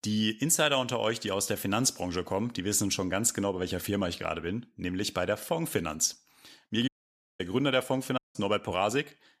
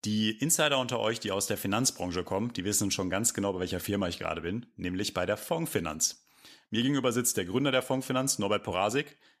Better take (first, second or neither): second